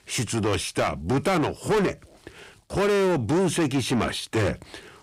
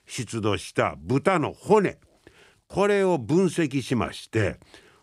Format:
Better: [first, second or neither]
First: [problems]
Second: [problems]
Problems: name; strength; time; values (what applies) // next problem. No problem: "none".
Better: second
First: distortion; heavy; 6 dB below the speech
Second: none